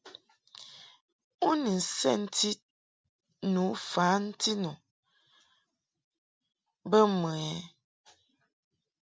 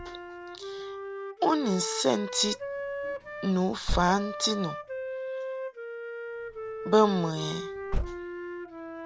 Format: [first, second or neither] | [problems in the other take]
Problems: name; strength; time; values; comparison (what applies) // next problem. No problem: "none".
first | background sound (Wind instrument, woodwind instrument + Slam / Car); 5 dB below the speech